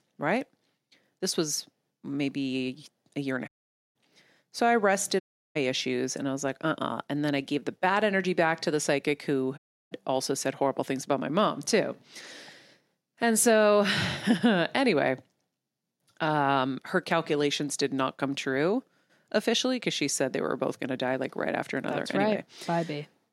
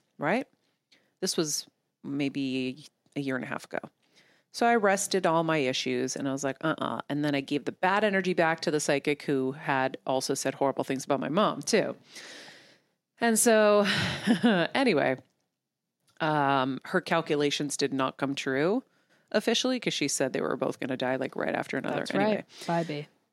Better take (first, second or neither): second